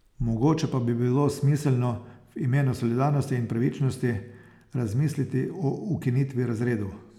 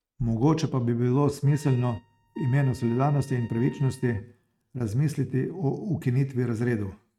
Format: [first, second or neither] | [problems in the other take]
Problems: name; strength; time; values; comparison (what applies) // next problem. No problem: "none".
first | noise reduction (neural mask model RNNoise)